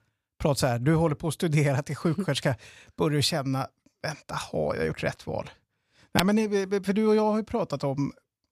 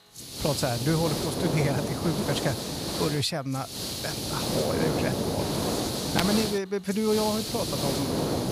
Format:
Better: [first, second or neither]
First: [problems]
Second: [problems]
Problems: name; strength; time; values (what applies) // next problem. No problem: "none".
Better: first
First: none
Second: hiss; loud; throughout; as loud as the speech